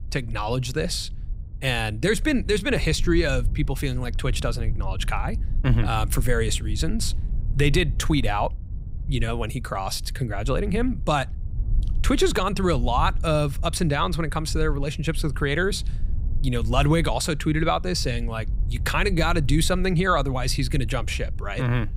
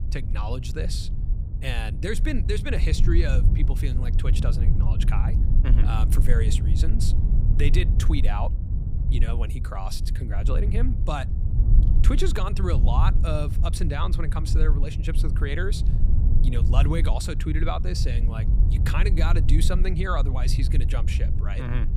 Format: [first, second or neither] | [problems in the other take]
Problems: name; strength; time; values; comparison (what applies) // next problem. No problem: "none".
first | low rumble; loud; throughout; 8 dB below the speech; faint in the first